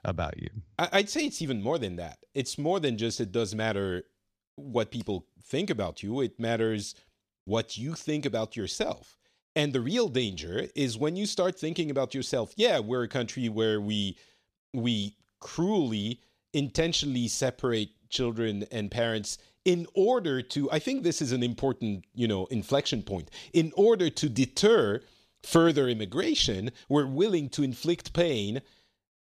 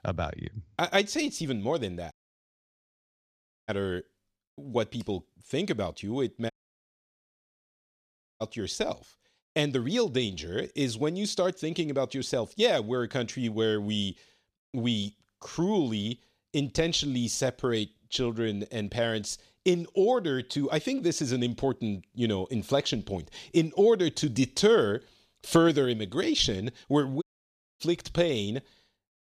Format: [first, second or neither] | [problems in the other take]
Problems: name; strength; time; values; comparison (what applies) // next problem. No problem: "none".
first | audio cutting out; at 2 s for 1.5 s, at 6.5 s for 2 s and at 27 s for 0.5 s